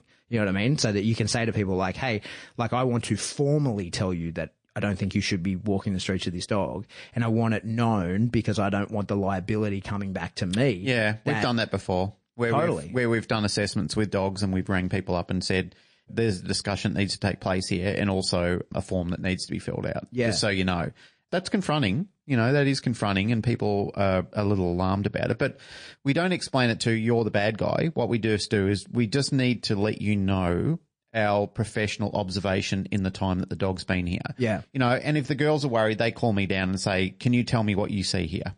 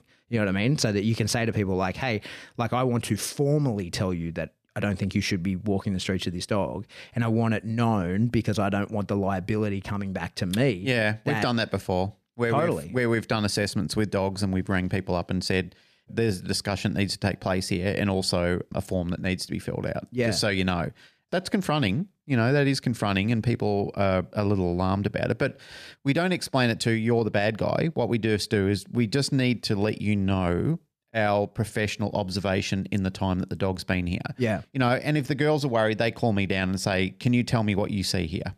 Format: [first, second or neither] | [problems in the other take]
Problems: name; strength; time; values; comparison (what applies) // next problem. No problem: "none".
second | garbled, watery; slightly; nothing above 9 kHz